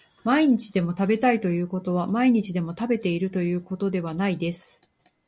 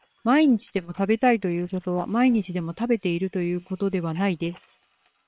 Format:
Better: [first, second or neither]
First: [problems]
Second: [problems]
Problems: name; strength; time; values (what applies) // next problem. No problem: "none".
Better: first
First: none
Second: noise reduction (neural separator model SepFormer WHAM!)